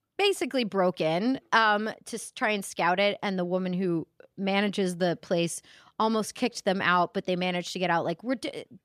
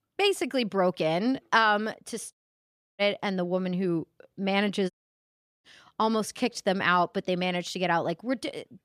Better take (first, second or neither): first